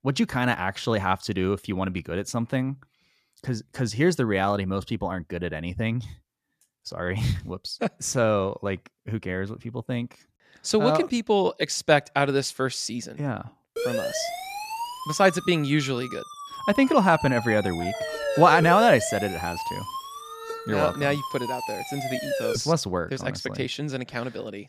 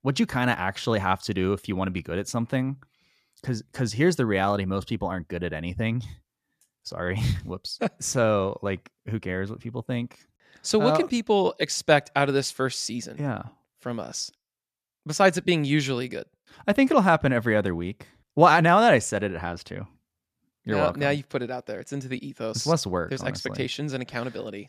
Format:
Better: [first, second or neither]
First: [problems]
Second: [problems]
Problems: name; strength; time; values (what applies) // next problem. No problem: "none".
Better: second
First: siren; noticeable; from 14 to 23 s; peak 2 dB below the speech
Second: none